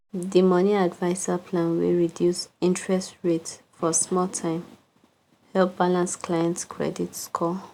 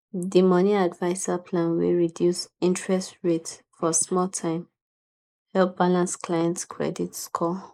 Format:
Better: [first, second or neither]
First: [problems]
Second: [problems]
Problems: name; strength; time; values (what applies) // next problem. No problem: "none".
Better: first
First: none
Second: noise reduction (neural mask model Resemble Enhance denoiser)